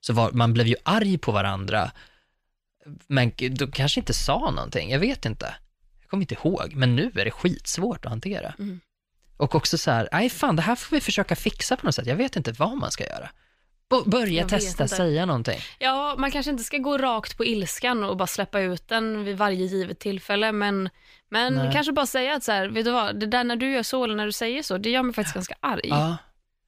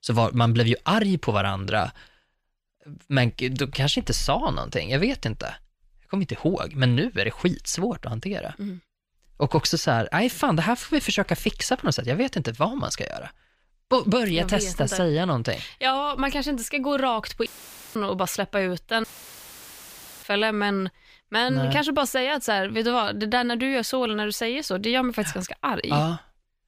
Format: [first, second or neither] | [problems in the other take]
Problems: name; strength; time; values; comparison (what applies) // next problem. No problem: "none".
first | audio cutting out; filled with static; at 17 s and at 19 s for 1 s